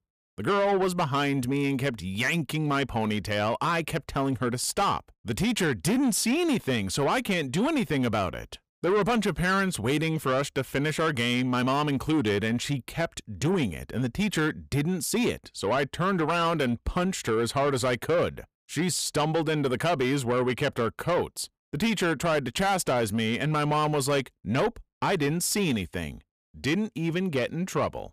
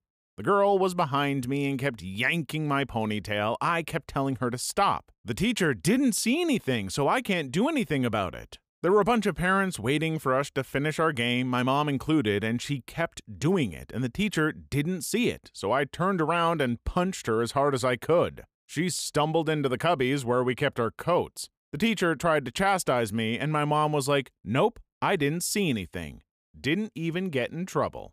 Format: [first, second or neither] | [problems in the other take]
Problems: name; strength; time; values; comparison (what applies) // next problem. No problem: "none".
second | distortion; slight; 10 dB below the speech